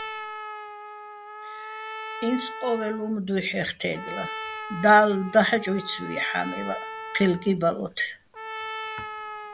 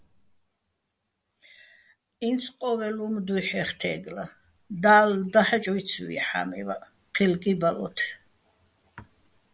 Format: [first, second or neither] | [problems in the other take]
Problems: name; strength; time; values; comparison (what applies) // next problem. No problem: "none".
second | background sound (Trumpet); 10 dB below the speech